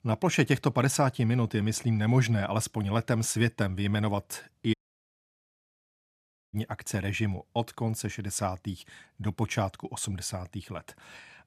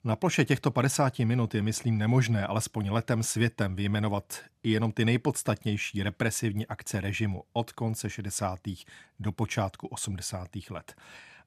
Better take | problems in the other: second | audio cutting out; at 4.5 s for 2 s

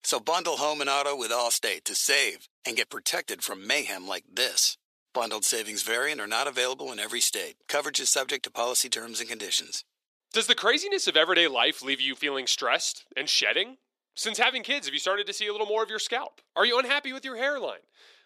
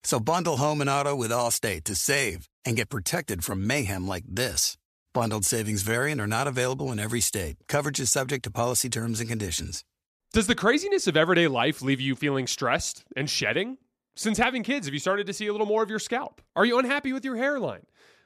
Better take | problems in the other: second | thin; somewhat; fading below 400 Hz

